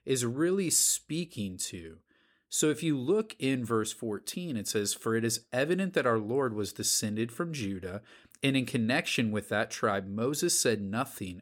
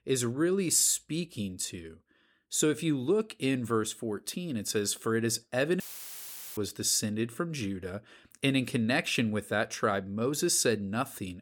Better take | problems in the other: first | audio cutting out; filled with static; at 6 s for 1 s

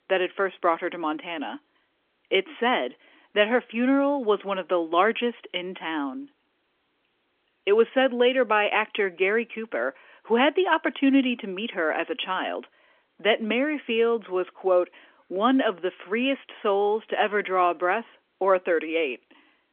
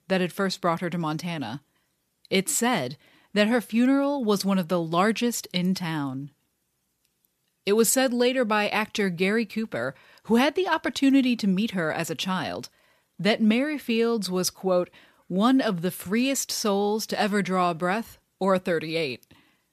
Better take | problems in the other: second | phone-call audio; nothing above 3.5 kHz

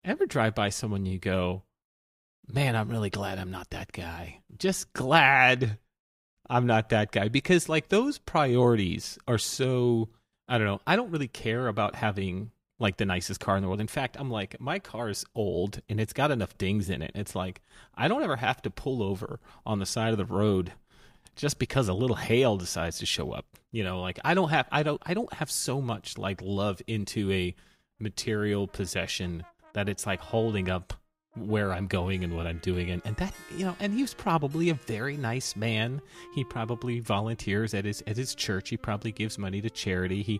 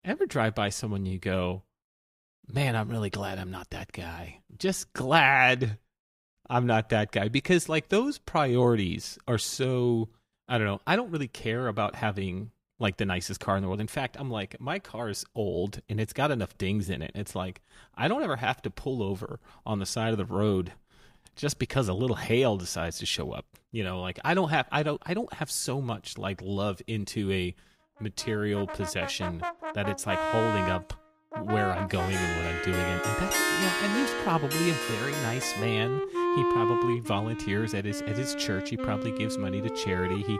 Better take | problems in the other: first | background music; loud; from 29 s on; 1 dB below the speech; faint in the first

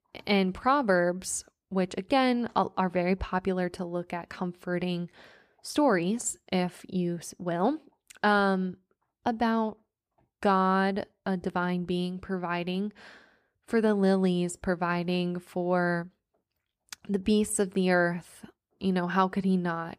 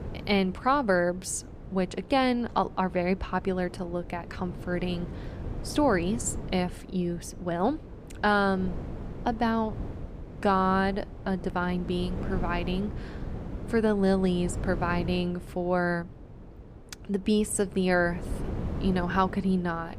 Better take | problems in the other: first | wind noise on the microphone; occasional gusts; 15 dB below the speech

